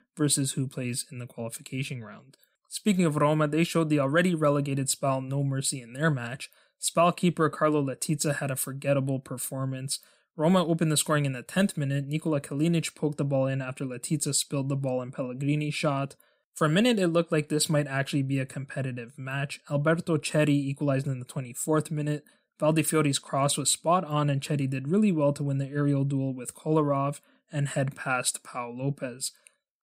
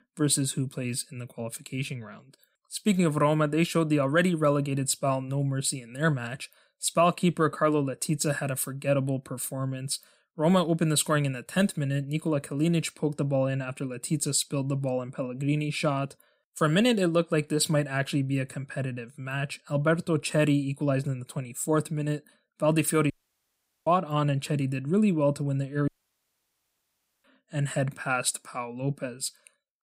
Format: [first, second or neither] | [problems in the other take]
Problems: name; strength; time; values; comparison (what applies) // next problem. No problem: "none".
first | audio cutting out; at 23 s for 1 s and at 26 s for 1.5 s